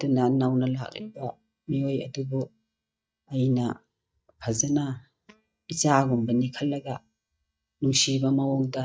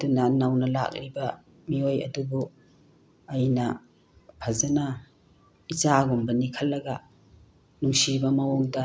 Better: second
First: noise reduction (neural mask model DeepFilterNet 3)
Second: none

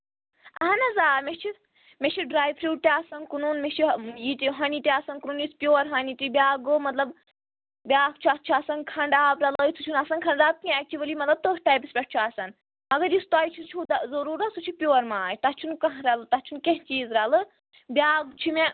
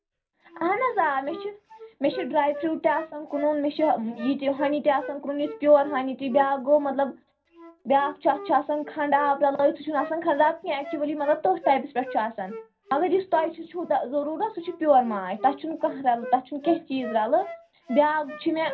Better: first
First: none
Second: background sound (Wind instrument, woodwind instrument); 16 dB below the speech // room echo; dies away in 0.3 s

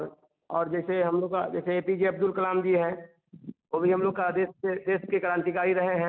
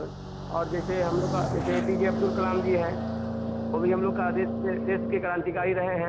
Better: first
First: none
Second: background sound (Car passing by); 2 dB below the speech

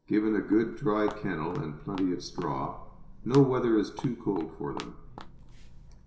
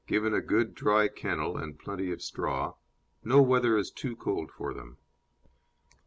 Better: second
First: background sound (Walk, footsteps); 15 dB below the speech // room echo; dies away in 0.7 s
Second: none

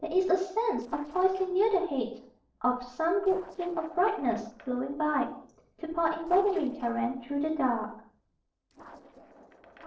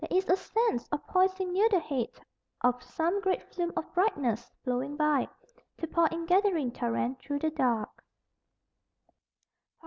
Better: second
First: noise reduction (neural separator model SepFormer DNS4)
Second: none

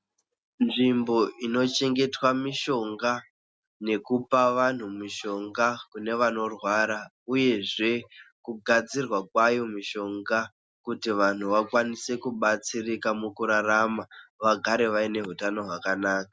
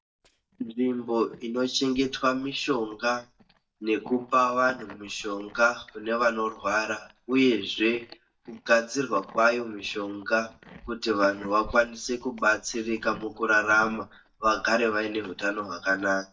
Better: first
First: none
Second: noise reduction (neural mask model DeepFilterNet 3)

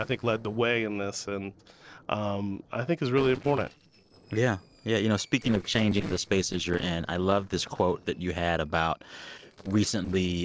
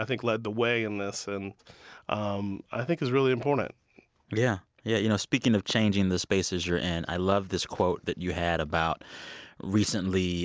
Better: second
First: noise reduction (neural separator model SepFormer DNS4)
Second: none

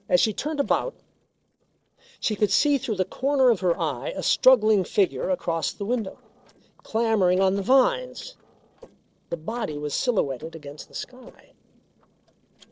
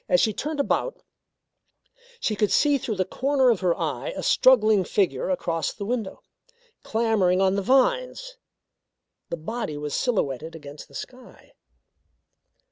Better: second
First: noise reduction (neural separator model SepFormer DNS4)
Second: none

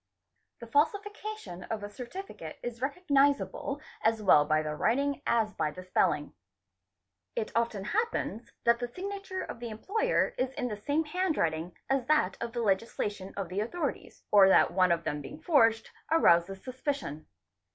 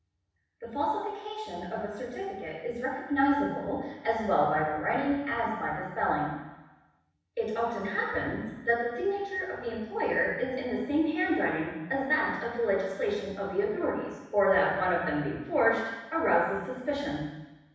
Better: first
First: none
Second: room echo; dies away in 1.1 s

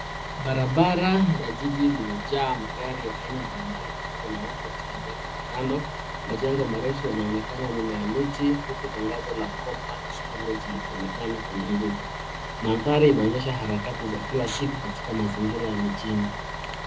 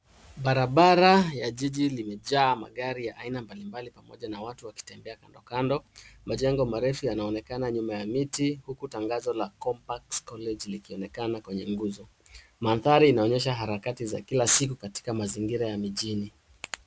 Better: second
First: background sound (Bus); 6 dB below the speech // room echo; dies away in 0.4 s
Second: none

